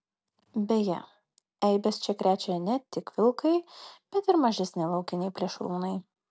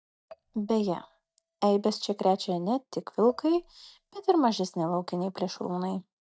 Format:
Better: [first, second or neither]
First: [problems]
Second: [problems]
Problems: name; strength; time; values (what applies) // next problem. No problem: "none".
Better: first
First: none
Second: noise reduction (neural mask model DeepFilterNet 3)